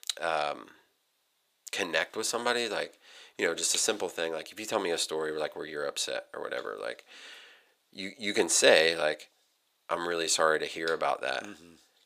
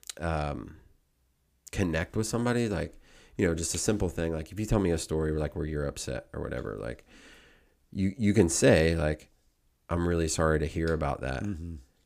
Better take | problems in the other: second | thin; very; fading below 650 Hz

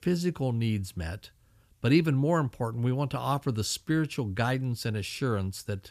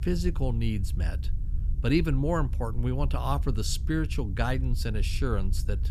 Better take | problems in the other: first | low rumble; noticeable; throughout; 15 dB below the speech

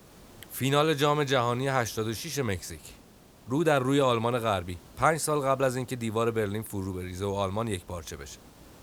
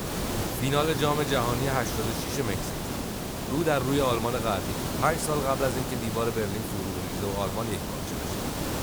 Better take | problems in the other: first | hiss; loud; throughout; 3 dB below the speech; faint in the first

